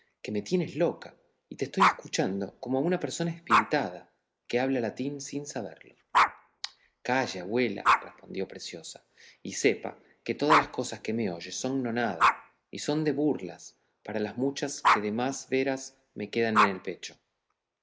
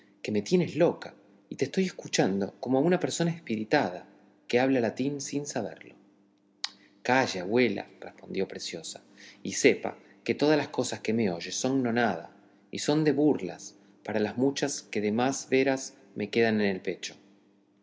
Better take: second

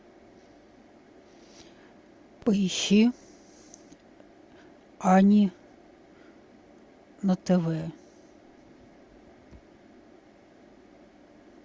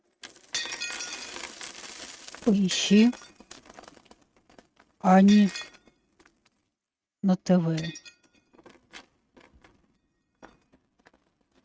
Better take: first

